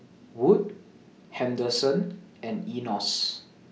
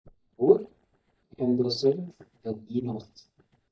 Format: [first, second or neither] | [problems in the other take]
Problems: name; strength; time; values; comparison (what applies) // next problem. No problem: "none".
first | noise reduction (neural mask model DeepFilterNet 3)